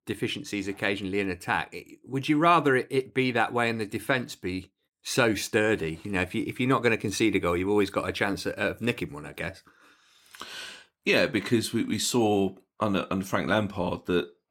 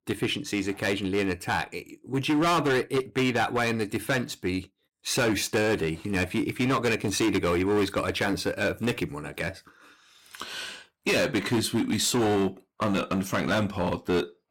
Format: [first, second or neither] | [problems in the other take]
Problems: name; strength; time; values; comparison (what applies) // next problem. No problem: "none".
first | distortion; heavy; 11% of the sound clipped